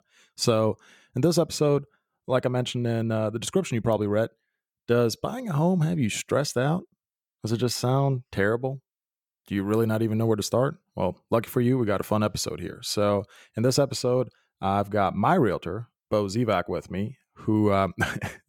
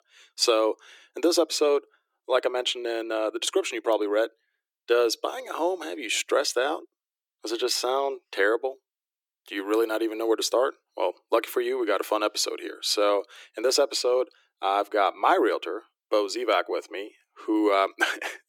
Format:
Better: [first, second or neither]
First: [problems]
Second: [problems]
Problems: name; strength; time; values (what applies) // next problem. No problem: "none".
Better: first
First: none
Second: thin; very; fading below 300 Hz